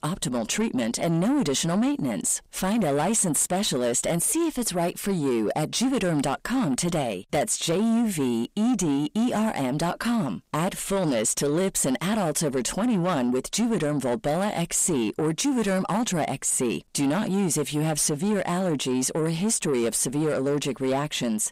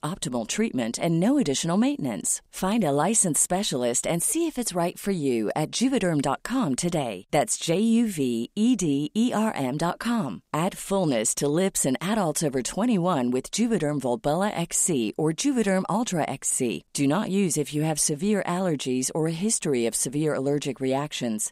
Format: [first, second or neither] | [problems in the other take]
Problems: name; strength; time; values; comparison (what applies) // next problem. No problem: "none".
second | distortion; slight; 10 dB below the speech